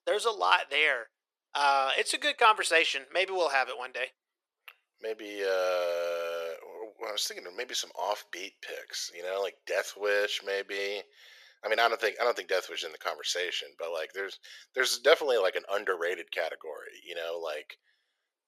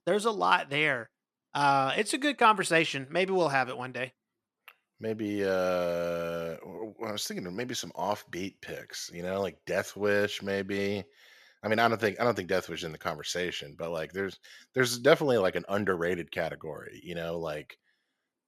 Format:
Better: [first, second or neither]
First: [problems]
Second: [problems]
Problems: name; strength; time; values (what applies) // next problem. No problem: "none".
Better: second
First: thin; very; fading below 450 Hz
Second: none